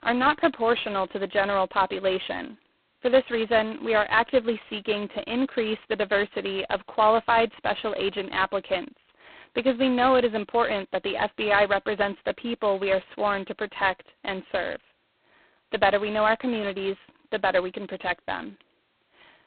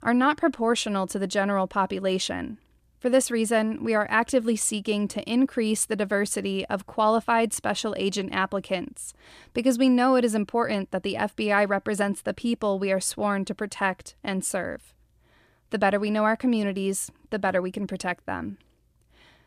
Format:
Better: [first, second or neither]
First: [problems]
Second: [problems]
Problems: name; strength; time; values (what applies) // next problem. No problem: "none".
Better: second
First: phone-call audio; poor line; nothing above 4 kHz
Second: none